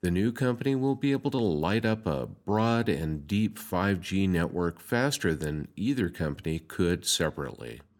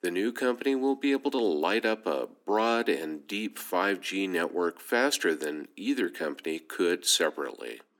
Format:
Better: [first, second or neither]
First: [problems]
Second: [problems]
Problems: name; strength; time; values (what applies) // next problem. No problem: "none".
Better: first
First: none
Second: thin; somewhat; fading below 250 Hz